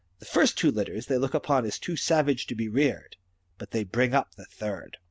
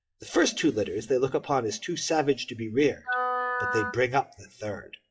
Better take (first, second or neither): first